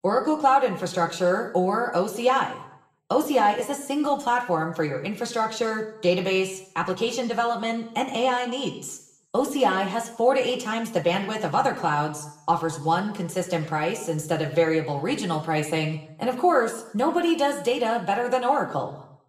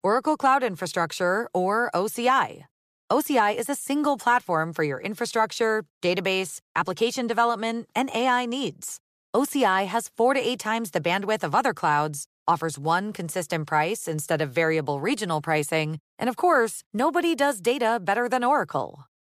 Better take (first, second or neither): second